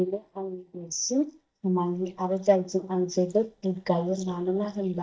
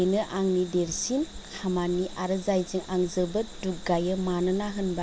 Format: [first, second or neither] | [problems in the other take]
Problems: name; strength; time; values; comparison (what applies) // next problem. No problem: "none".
second | noise reduction (neural mask model DeepFilterNet 3)